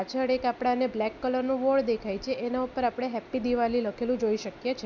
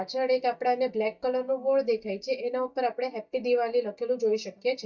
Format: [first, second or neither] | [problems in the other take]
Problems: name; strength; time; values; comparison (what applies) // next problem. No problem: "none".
first | noise reduction (neural mask model DeepFilterNet 3)